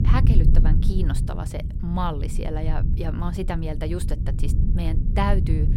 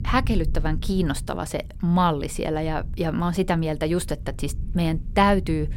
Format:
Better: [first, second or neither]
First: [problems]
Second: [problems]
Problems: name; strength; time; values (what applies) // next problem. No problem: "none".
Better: second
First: low rumble; loud; throughout; 7 dB below the speech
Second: low rumble; faint; throughout; 25 dB below the speech